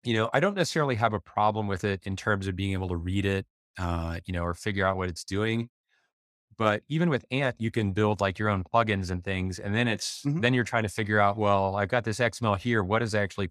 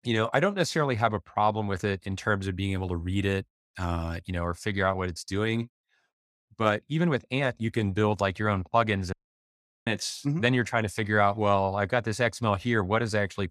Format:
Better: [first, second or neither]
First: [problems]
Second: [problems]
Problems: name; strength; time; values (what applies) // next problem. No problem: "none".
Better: first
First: none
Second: audio cutting out; at 9 s for 0.5 s